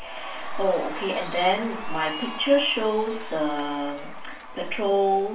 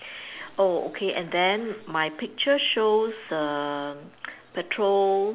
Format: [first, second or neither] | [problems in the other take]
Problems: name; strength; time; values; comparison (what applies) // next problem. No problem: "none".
second | background sound (Cheering); 13 dB below the speech // room echo; dies away in 0.3 s